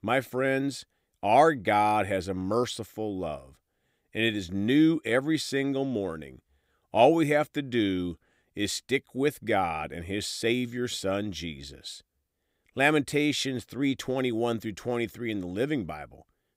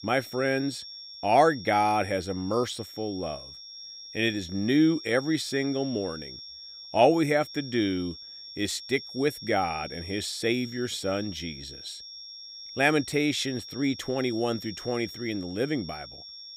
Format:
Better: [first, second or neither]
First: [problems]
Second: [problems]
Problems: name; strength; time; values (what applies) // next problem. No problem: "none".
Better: first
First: none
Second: high-pitched whine; noticeable; throughout; 5.5 kHz, 15 dB below the speech